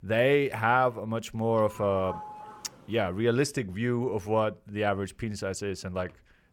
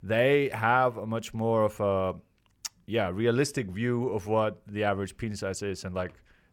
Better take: second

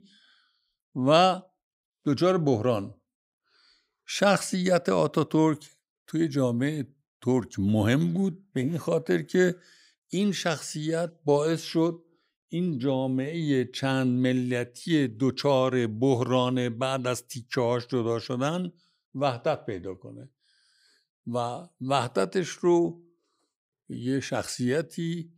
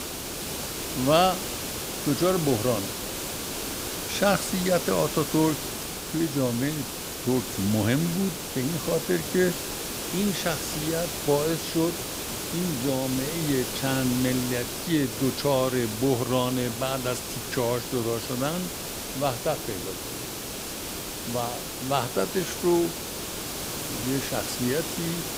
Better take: first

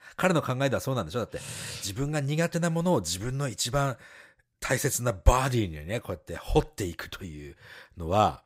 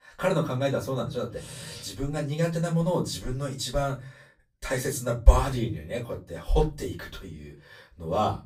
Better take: first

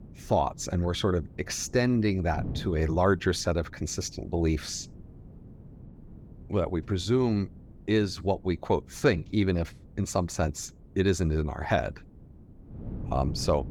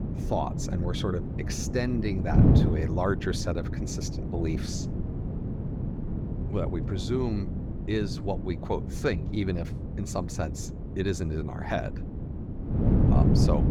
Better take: first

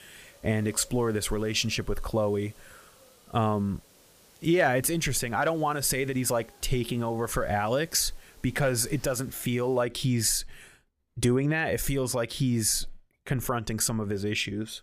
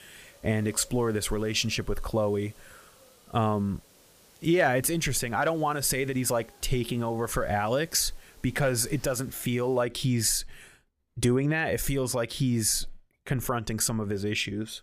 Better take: neither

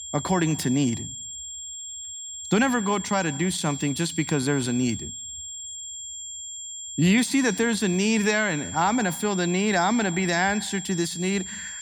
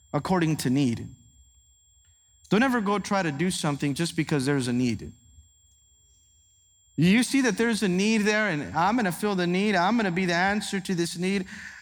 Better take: second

